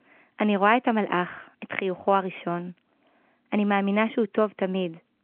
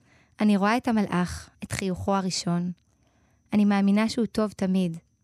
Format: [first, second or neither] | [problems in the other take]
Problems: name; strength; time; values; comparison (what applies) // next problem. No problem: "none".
second | phone-call audio